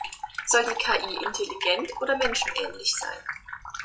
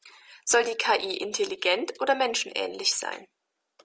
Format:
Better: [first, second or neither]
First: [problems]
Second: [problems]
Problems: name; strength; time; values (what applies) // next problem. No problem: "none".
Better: second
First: noise reduction (classical method WPE with log-MMSE)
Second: none